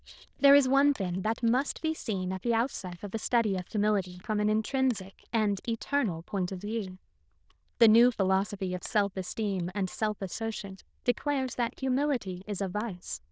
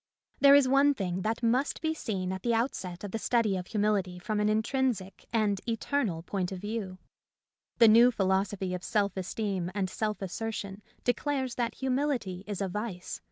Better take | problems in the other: second | noise reduction (neural diffusion model UNIVERSE++)

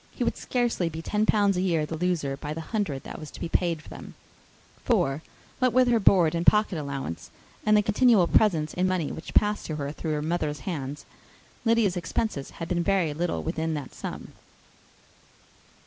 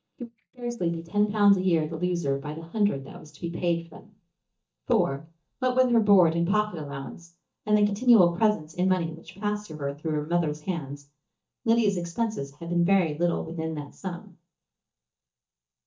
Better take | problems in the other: first | noise reduction (neural mask model DeepFilterNet 3)

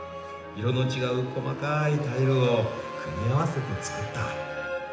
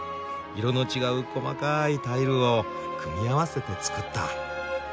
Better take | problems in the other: second | background sound (Motorcycle); 18 dB below the speech // room echo; dies away in 0.8 s

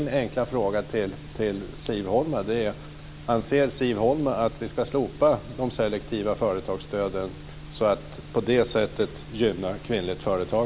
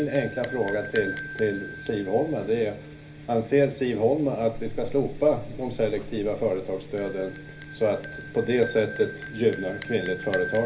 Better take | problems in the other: first | background sound (Bell); 12 dB below the speech // room echo; dies away in 0.3 s

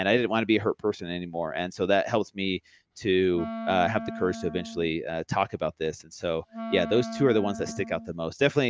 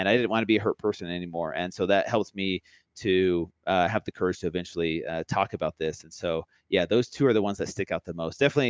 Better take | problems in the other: second | background sound (Wind instrument, woodwind instrument); 11 dB below the speech

